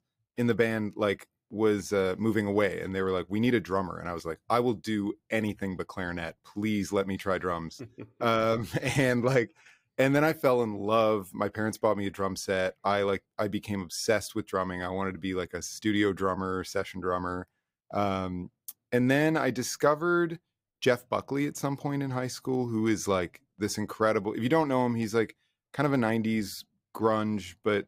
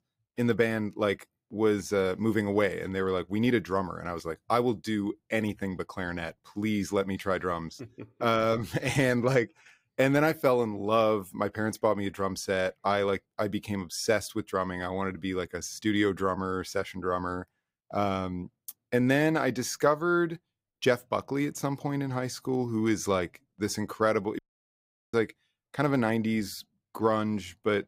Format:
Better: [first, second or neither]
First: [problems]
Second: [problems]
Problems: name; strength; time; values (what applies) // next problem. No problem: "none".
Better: first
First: none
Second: audio cutting out; at 24 s for 0.5 s